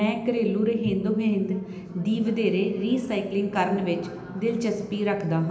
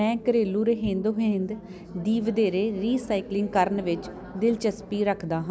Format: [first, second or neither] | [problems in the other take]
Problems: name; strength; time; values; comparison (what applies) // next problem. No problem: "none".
second | room echo; dies away in 0.9 s